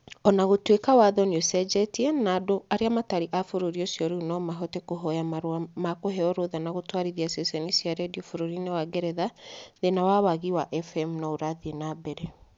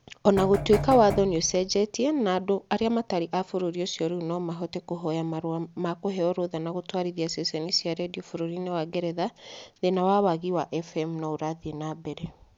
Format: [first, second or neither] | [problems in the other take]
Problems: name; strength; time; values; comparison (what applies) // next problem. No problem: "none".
first | background sound (Knock); 7 dB below the speech